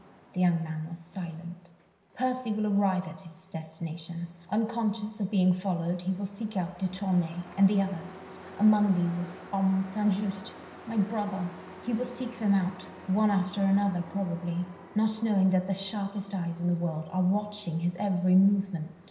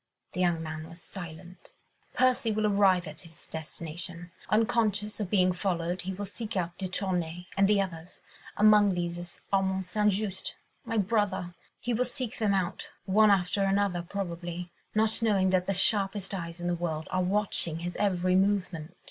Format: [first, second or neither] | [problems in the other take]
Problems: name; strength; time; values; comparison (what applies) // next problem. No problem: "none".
second | background sound (Truck); 20 dB below the speech // room echo; dies away in 0.9 s